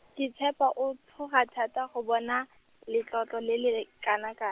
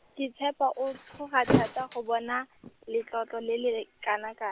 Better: first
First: none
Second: background sound (Thump, thud); 1 dB below the speech

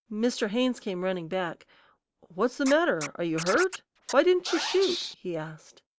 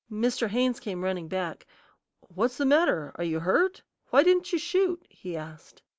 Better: second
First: background sound (Scratching (performance technique)); 9 dB below the speech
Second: none

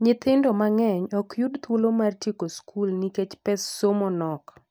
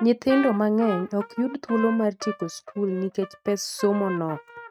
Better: first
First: none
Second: noise reduction (neural mask model RNNoise)

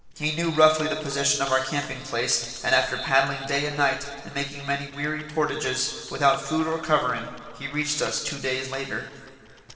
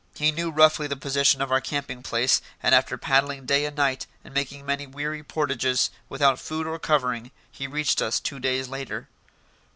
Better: second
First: noise reduction (neural separator model SepFormer DNS4)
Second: none

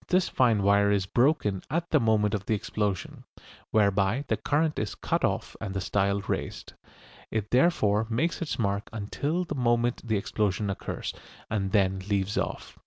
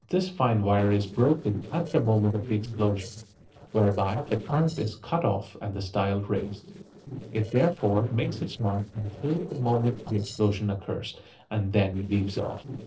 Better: first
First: none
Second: noise reduction (neural separator model SepFormer DNS4)

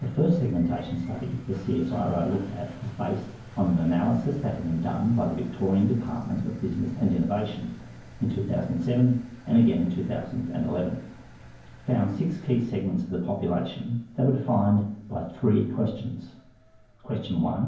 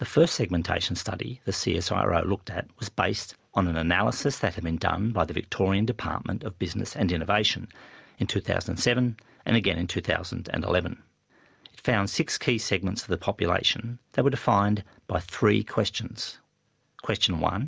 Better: second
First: background sound (Engine); 20 dB below the speech // room echo; dies away in 0.9 s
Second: none

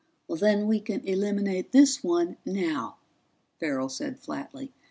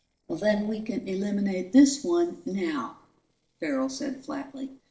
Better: first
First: none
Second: noise reduction (neural separator model SepFormer DNS4)

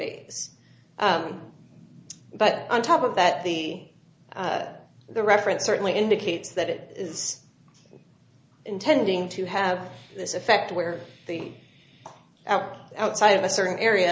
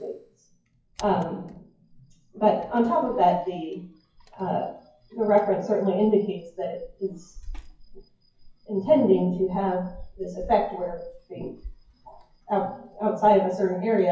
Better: first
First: none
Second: noise reduction (classical method WPE with log-MMSE)

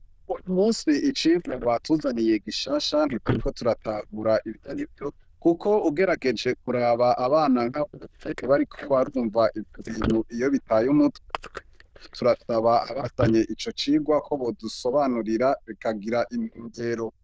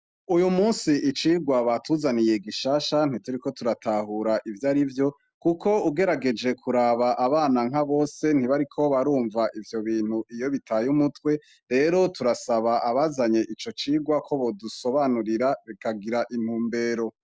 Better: second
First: noise reduction (neural diffusion model UNIVERSE++)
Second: none

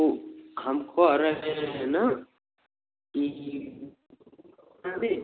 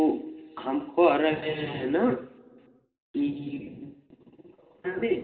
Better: first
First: none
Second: room echo; dies away in 1.2 s

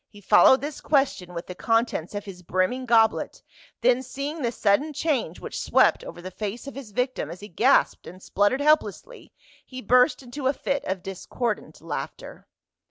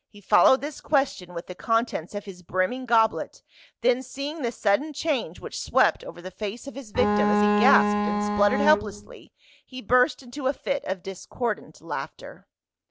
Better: first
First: none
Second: background sound (Bowed string instrument); 2 dB above the speech

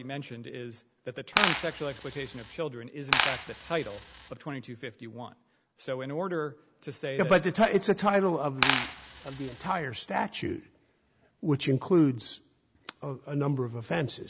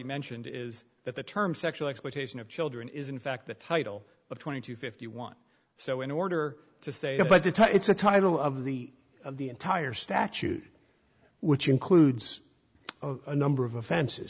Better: second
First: background sound (Coin (dropping)); 1 dB below the speech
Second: none

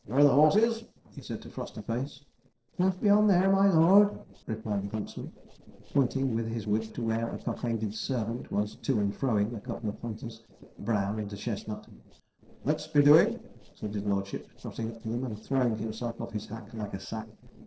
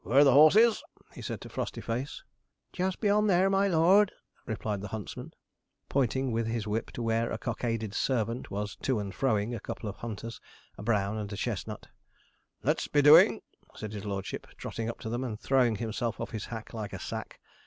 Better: second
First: noise reduction (neural separator model SepFormer DNS4)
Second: none

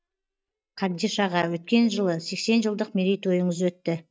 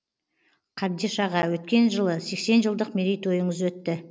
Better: second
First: noise reduction (neural mask model DeepFilterNet 3)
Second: none

